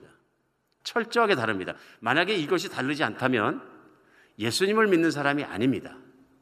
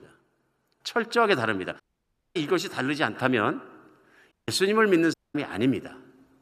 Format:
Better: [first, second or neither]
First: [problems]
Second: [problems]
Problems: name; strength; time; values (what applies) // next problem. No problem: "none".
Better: first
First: none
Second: audio cutting out; at 2 s for 0.5 s, at 4.5 s and at 5 s